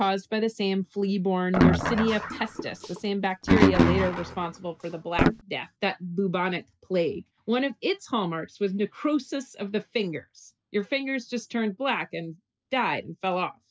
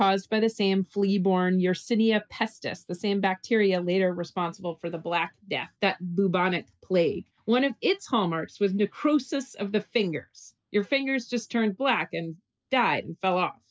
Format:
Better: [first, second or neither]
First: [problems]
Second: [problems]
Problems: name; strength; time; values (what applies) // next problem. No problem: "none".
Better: second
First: background sound (Guitar); 3 dB above the speech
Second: none